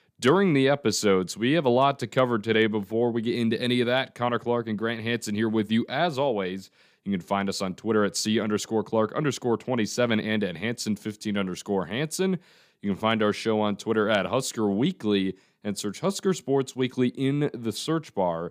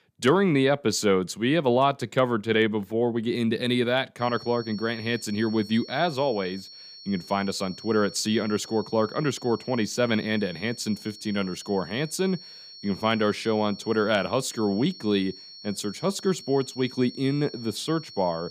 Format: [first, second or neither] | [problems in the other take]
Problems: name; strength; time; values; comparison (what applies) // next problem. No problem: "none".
first | high-pitched whine; noticeable; from 4 s on; 4.5 kHz, 15 dB below the speech